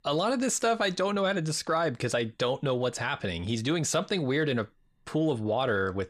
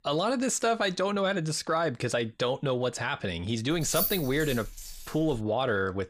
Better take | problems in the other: first | jangling keys; loud; from 3.5 to 5.5 s; peak level with the speech

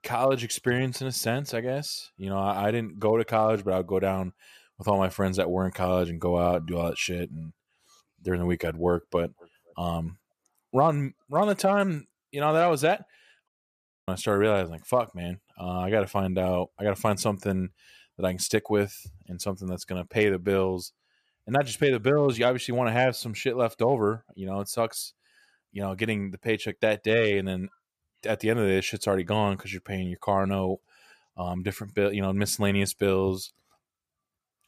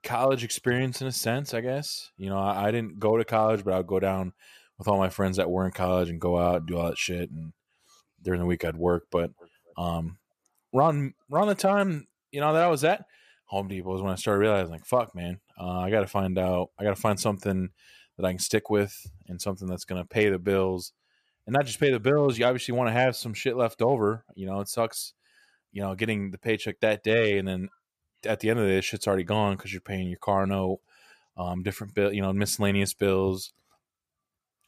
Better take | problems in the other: second | audio cutting out; at 13 s for 0.5 s

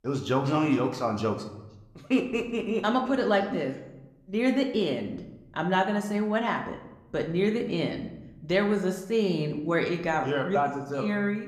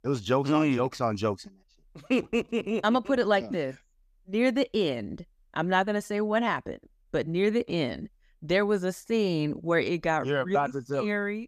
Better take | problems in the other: second | room echo; slight; dies away in 0.7 s

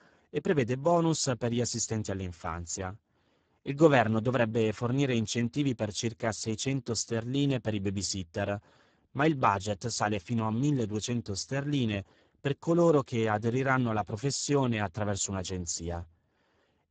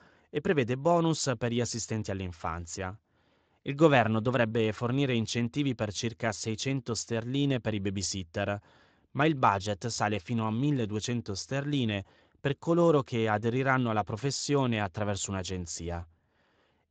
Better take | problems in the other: second | garbled, watery; badly; nothing above 7.5 kHz; slightly in the second

